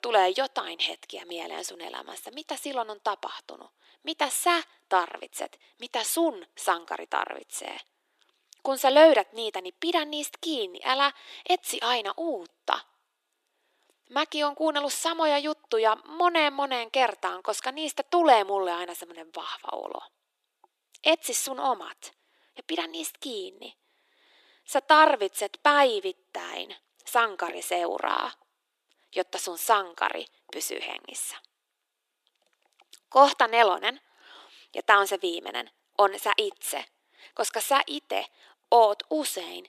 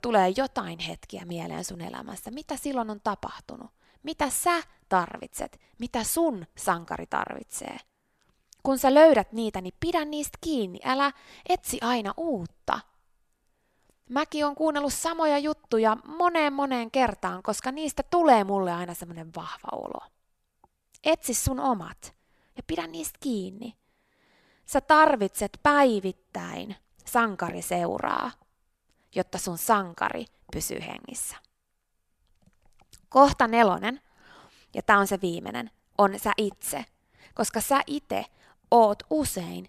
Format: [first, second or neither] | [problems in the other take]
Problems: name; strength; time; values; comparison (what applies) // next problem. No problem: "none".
second | thin; somewhat; fading below 350 Hz